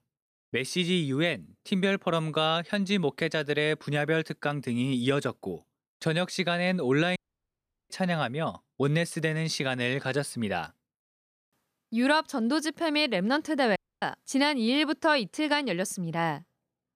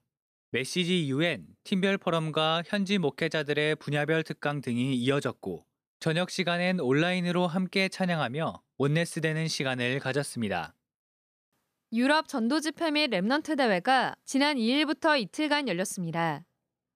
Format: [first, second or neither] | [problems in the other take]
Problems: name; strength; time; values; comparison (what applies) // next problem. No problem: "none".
second | audio cutting out; at 7 s for 0.5 s and at 14 s